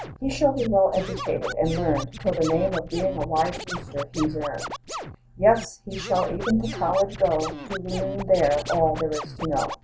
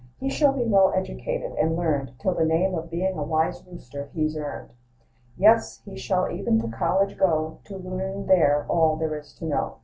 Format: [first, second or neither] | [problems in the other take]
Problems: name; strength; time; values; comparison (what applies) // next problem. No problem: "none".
second | background sound (Scratching (performance technique)); 11 dB below the speech